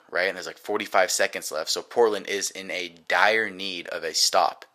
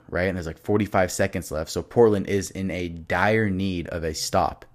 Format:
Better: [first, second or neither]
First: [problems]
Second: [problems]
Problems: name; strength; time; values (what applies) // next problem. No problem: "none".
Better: second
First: thin; very; fading below 600 Hz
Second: none